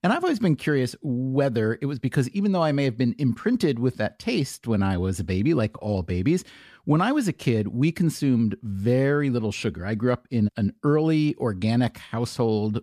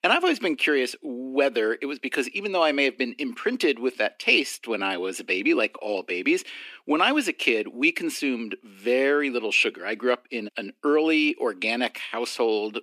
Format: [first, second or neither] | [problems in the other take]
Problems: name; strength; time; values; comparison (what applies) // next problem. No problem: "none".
first | thin; somewhat; fading below 300 Hz